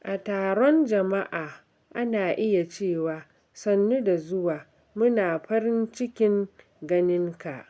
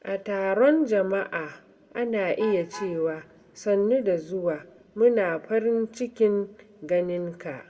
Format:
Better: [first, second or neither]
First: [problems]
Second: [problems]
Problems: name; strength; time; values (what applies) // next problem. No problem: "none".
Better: first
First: none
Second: background sound (Alarm / Truck); 18 dB below the speech // room echo; dies away in 0.5 s